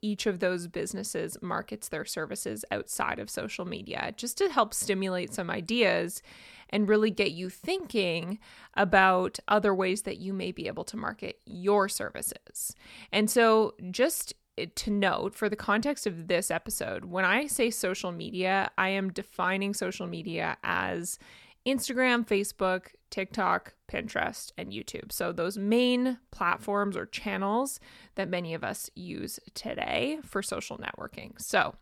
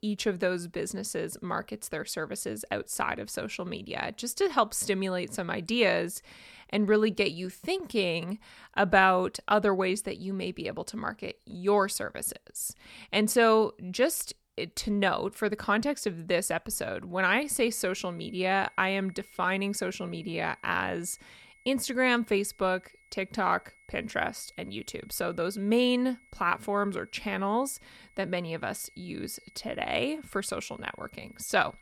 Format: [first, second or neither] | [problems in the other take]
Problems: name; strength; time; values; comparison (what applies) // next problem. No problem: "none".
first | high-pitched whine; faint; from 17 s on; 2 kHz, 30 dB below the speech